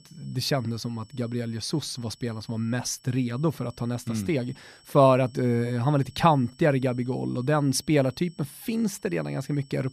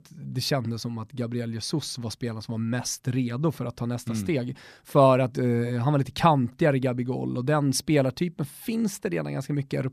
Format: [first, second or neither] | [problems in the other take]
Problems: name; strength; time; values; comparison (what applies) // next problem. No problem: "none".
second | high-pitched whine; faint; throughout; 5.5 kHz, 30 dB below the speech